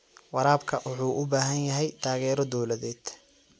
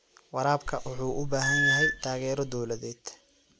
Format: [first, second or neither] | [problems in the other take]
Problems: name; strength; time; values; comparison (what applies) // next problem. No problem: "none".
first | background sound (Squeak / Screech); 2 dB above the speech